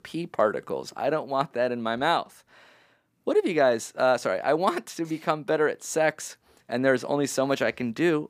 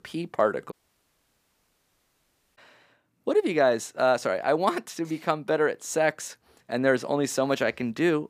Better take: first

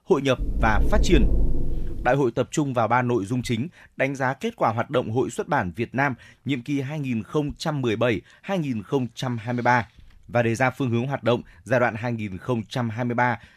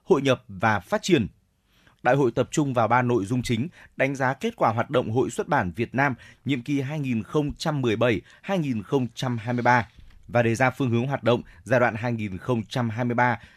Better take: second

